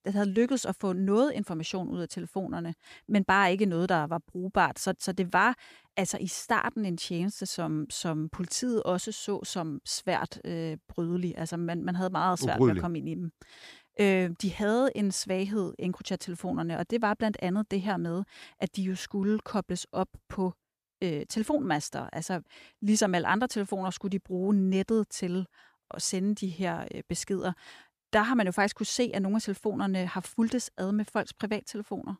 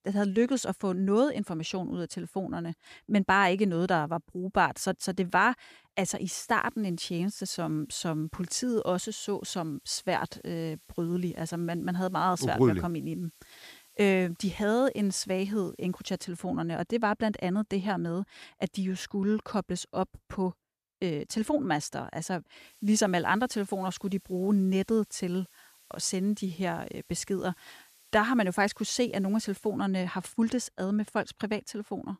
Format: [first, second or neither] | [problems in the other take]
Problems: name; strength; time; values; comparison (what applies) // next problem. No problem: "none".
first | hiss; faint; from 6.5 to 16 s and from 23 to 30 s; 30 dB below the speech